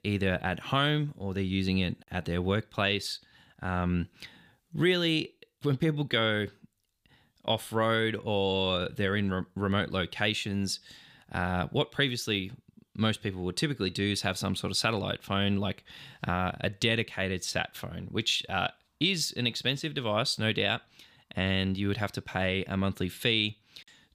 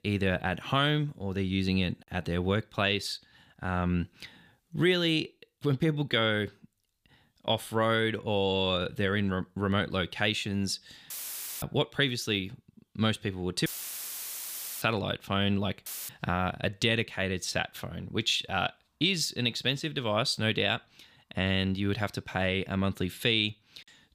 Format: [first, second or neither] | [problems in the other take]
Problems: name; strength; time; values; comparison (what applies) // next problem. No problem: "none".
first | audio cutting out; filled with static; at 11 s for 0.5 s, at 14 s for 1 s and at 16 s